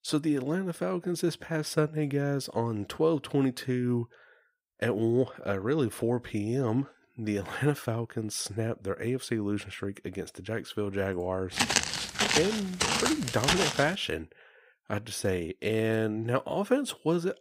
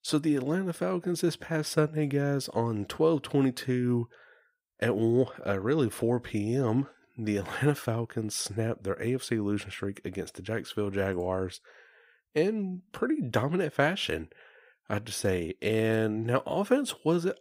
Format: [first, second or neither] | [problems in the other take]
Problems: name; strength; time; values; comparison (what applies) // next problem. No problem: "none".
second | footsteps; loud; from 12 to 14 s; peak 5 dB above the speech